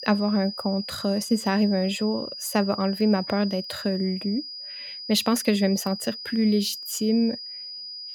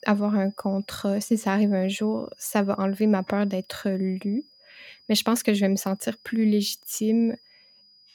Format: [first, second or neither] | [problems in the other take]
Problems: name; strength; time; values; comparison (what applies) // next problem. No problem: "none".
second | high-pitched whine; loud; throughout; 5 kHz, 10 dB below the speech; faint in the second